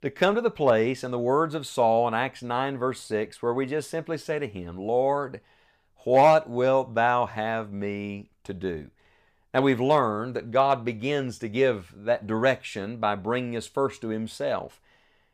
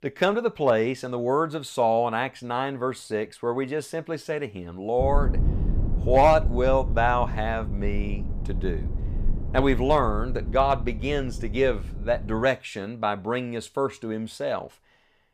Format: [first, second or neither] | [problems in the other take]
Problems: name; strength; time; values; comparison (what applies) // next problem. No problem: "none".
first | low rumble; noticeable; from 5 to 12 s; 20 dB below the speech